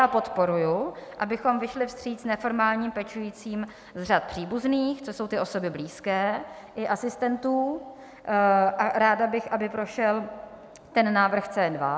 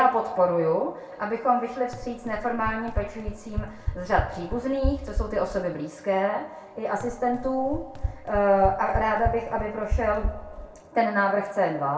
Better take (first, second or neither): first